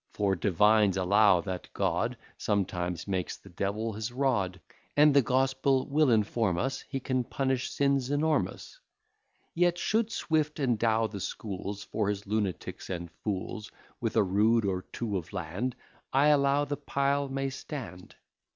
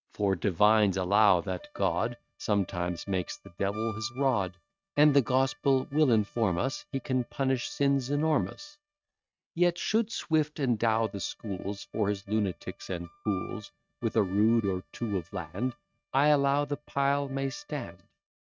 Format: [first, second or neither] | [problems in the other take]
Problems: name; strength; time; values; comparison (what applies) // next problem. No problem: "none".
first | noise reduction (neural mask model RNNoise)